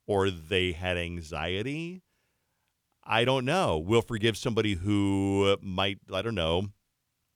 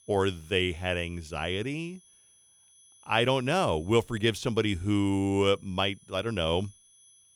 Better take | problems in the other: first | high-pitched whine; faint; throughout; 10 kHz, 30 dB below the speech

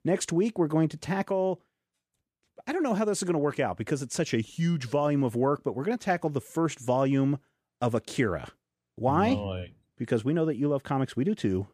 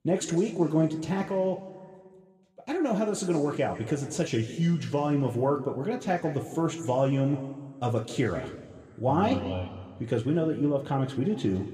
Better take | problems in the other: first | room echo; slight; dies away in 1.6 s

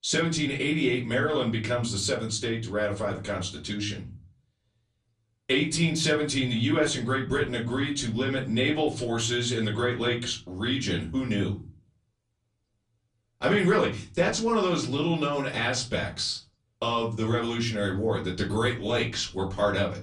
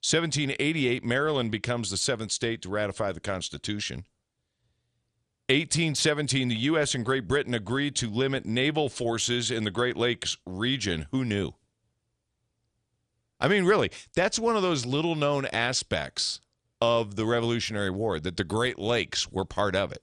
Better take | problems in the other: second | off-mic speech; far // room echo; very slight; dies away in 0.4 s

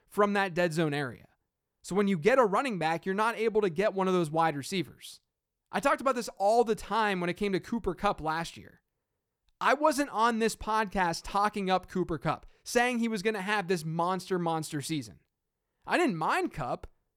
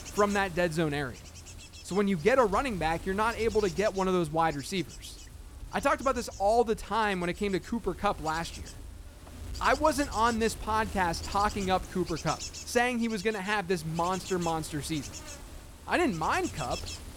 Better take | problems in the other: first | wind noise on the microphone; occasional gusts; 15 dB below the speech

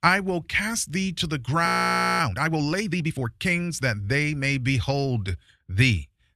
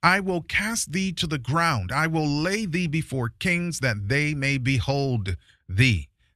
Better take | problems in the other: second | audio freezing; at 1.5 s for 0.5 s

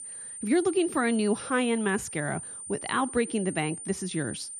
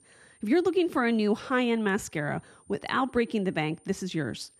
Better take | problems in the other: second | high-pitched whine; loud; throughout; 9 kHz, 9 dB below the speech; faint in the second

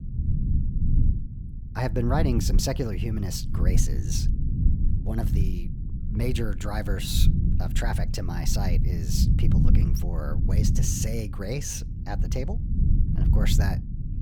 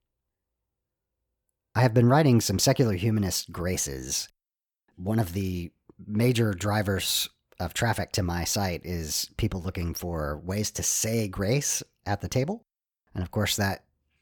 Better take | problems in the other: second | low rumble; loud; throughout; 6 dB below the speech

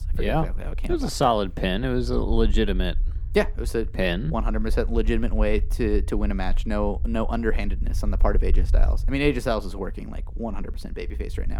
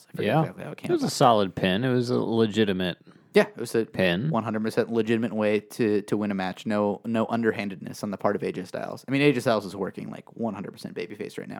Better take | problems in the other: second | low rumble; faint; throughout; 25 dB below the speech

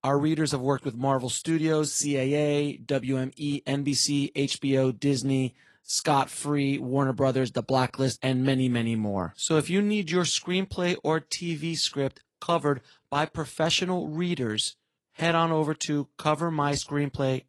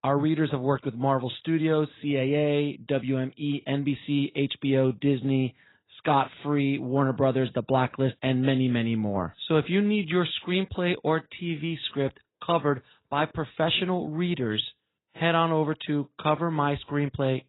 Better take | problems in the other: first | garbled, watery; badly; nothing above 4 kHz; slightly in the first

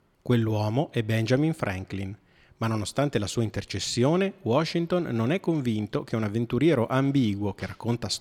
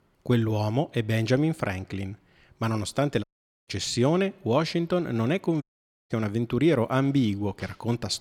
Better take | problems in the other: first | audio cutting out; at 3 s and at 5.5 s

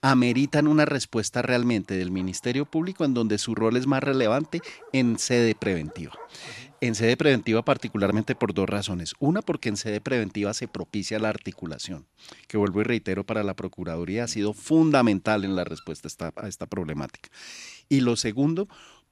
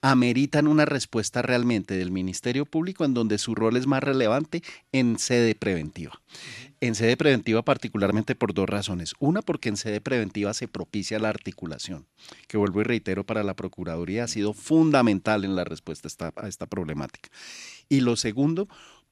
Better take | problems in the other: second | animal sounds; faint; throughout; 30 dB below the speech

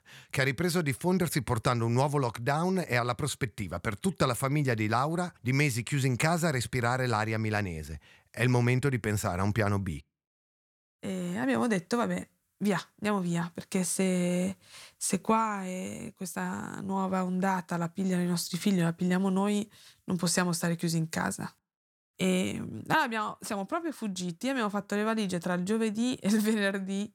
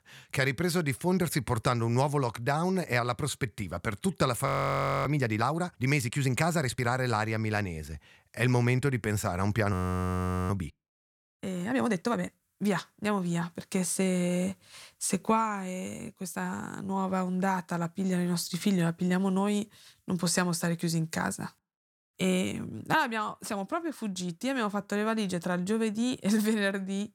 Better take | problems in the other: first | audio freezing; at 4.5 s for 0.5 s and at 9.5 s for 1 s

